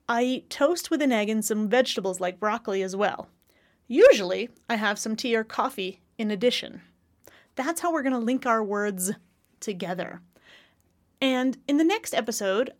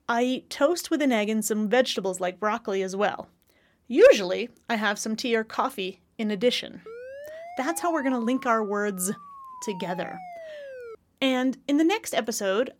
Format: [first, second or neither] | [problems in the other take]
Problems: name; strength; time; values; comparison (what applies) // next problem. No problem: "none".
first | siren; faint; from 7 to 11 s; peak 15 dB below the speech